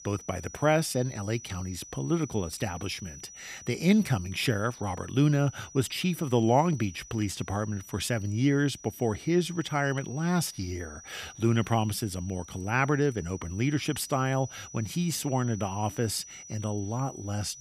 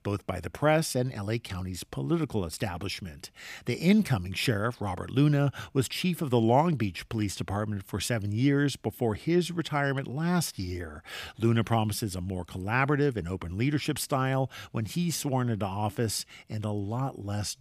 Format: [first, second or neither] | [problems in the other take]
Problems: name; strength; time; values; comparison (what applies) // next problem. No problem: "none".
second | high-pitched whine; noticeable; throughout; 6 kHz, 15 dB below the speech